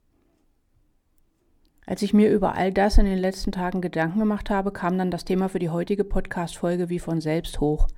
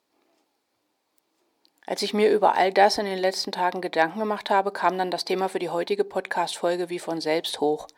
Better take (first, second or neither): first